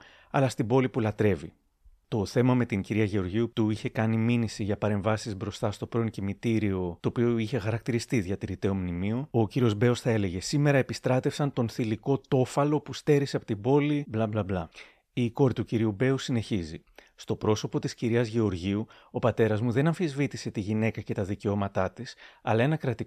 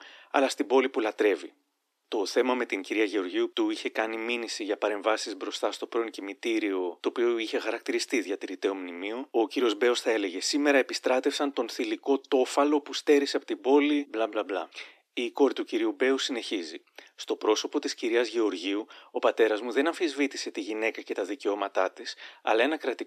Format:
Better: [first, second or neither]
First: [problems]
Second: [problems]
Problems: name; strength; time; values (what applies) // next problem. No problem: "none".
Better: first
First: none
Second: thin; somewhat; fading below 300 Hz